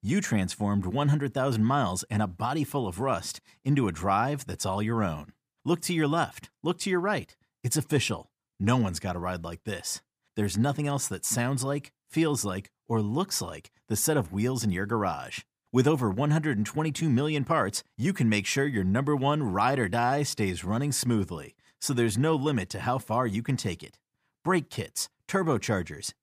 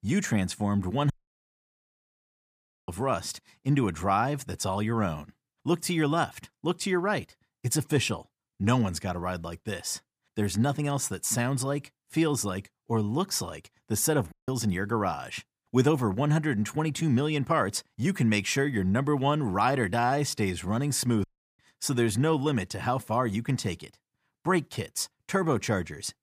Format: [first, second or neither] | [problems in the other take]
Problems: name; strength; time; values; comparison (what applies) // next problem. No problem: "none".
first | audio cutting out; at 1 s for 2 s, at 14 s and at 21 s